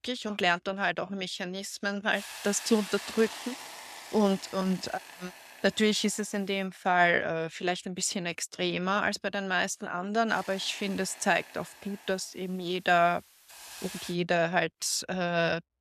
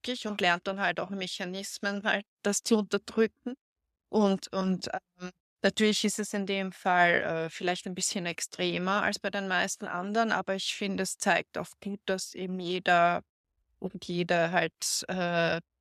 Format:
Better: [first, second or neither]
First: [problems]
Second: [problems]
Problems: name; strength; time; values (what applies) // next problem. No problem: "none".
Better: second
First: hiss; noticeable; from 2 to 6.5 s and from 10 to 14 s; 15 dB below the speech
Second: none